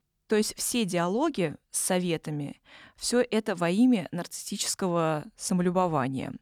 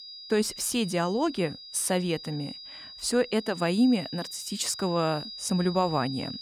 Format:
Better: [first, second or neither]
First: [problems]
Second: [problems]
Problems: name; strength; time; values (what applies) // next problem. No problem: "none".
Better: first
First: none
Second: high-pitched whine; noticeable; throughout; 5 kHz, 10 dB below the speech